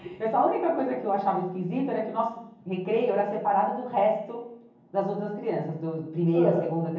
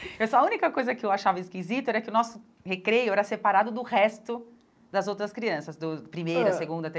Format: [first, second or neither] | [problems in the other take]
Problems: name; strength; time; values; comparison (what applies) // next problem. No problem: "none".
second | room echo; dies away in 0.7 s